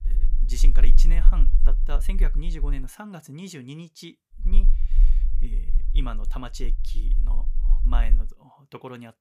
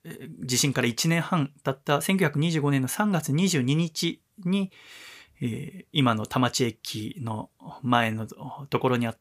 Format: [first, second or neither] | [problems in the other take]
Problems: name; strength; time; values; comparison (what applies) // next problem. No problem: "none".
second | low rumble; noticeable; until 3 s and from 4.5 to 8 s; 10 dB below the speech